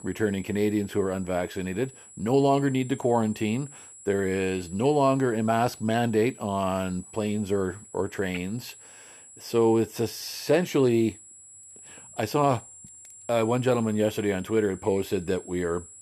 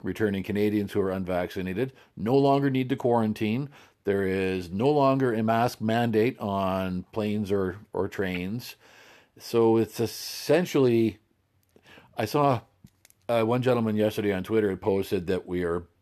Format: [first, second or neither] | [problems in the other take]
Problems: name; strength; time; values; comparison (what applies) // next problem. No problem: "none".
second | high-pitched whine; noticeable; throughout; 7.5 kHz, 20 dB below the speech